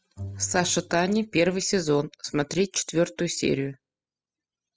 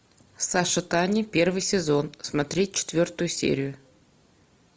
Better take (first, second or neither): second